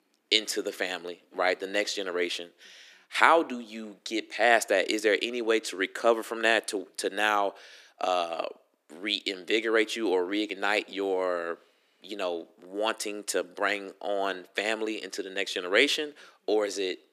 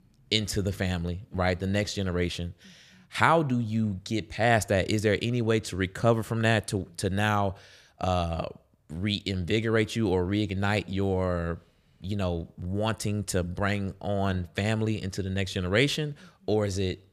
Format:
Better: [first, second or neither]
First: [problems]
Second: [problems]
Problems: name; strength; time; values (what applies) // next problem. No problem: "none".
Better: second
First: thin; very; fading below 300 Hz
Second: none